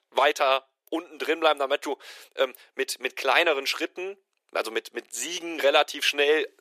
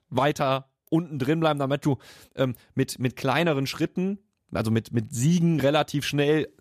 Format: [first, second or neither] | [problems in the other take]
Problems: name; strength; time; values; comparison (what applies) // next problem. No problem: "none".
second | thin; very; fading below 400 Hz